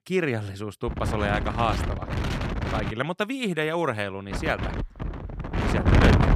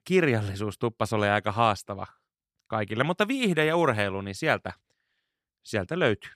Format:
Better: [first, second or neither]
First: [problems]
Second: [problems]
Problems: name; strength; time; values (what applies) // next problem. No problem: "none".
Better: second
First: wind noise on the microphone; heavy; from 1 to 3 s and from 4.5 s on; 3 dB below the speech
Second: none